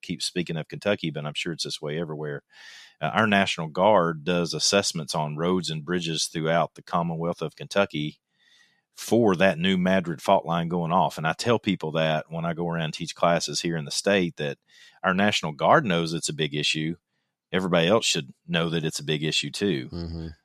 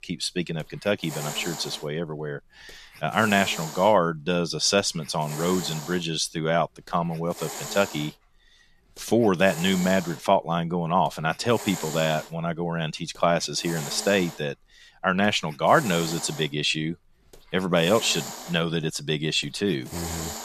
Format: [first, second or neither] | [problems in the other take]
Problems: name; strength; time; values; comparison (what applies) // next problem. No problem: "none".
first | hiss; noticeable; throughout; 10 dB below the speech